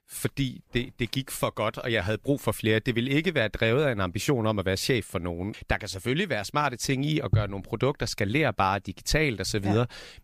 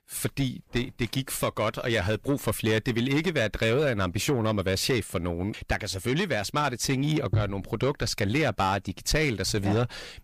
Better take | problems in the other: first | distortion; slight; 10 dB below the speech

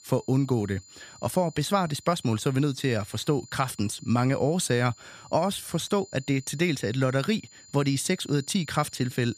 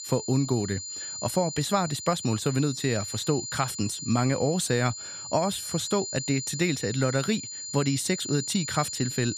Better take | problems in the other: first | high-pitched whine; loud; throughout; 7 kHz, 7 dB below the speech; faint in the first

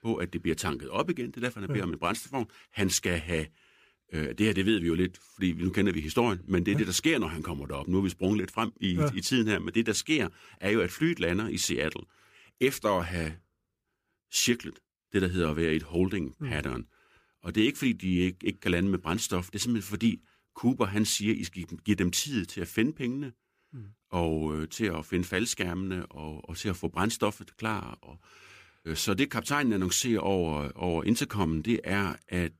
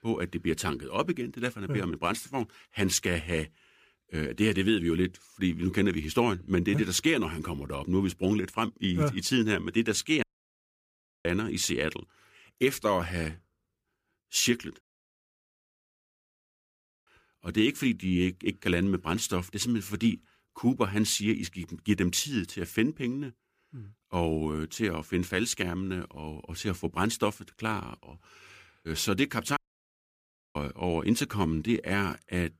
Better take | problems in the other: first | audio cutting out; at 10 s for 1 s, at 15 s for 2.5 s and at 30 s for 1 s

